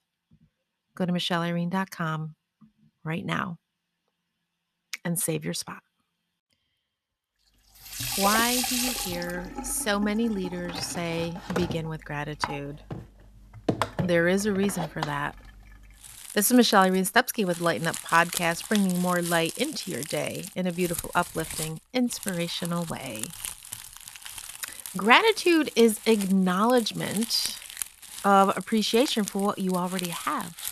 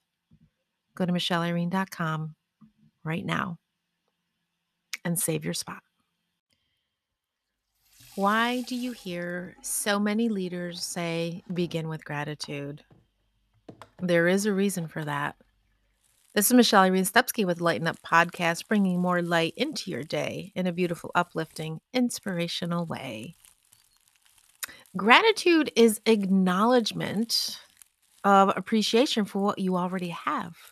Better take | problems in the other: second | household noises; loud; from 8 s on; 8 dB below the speech; faint in the second

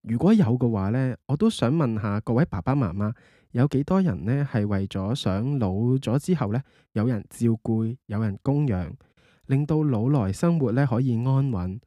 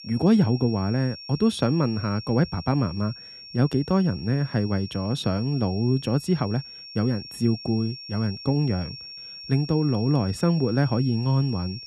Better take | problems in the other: first | high-pitched whine; noticeable; throughout; 5.5 kHz, 15 dB below the speech

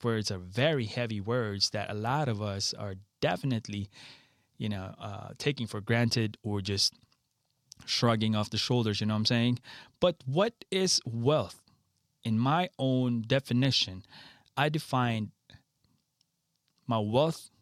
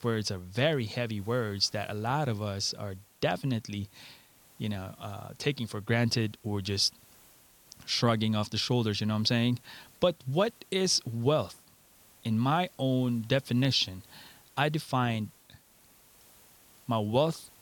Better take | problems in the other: first | hiss; faint; throughout; 25 dB below the speech

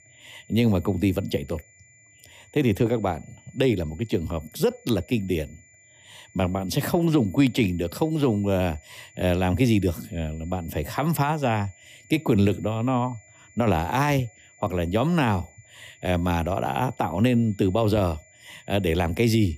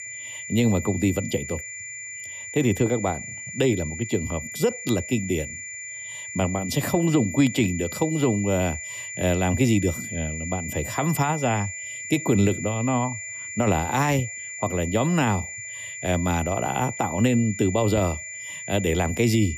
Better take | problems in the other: first | high-pitched whine; loud; throughout; 2 kHz, 9 dB below the speech; faint in the first

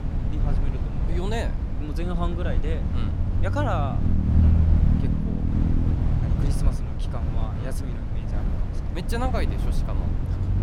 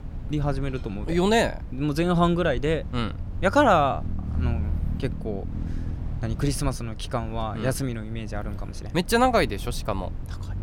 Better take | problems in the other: second | low rumble; loud; throughout; 3 dB below the speech; faint in the second

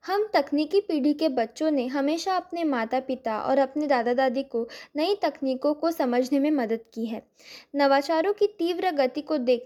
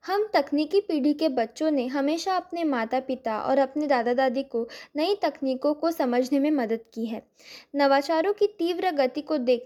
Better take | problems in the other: neither | none

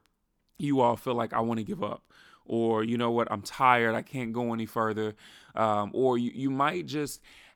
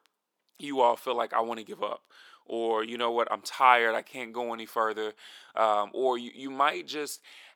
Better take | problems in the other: first | thin; somewhat; fading below 550 Hz

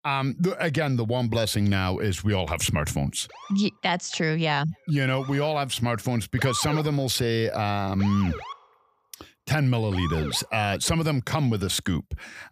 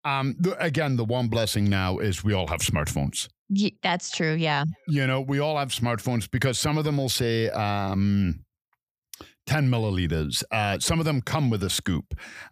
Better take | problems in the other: second | siren; noticeable; from 3.5 to 10 s; peak 7 dB below the speech

